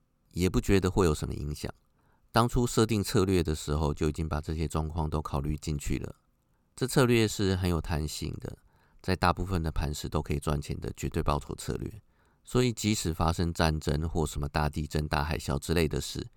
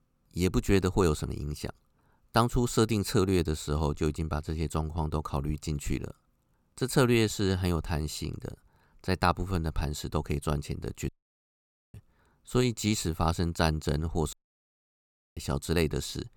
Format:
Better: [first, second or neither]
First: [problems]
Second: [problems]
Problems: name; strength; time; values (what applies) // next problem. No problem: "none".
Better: first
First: none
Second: audio cutting out; at 11 s for 1 s and at 14 s for 1 s